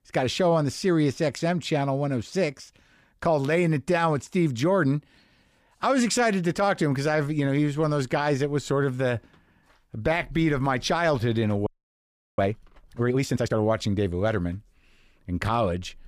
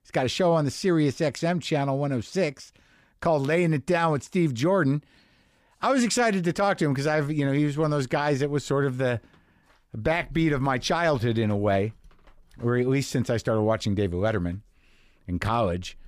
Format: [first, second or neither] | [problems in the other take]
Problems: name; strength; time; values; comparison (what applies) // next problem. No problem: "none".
second | audio freezing; at 12 s for 0.5 s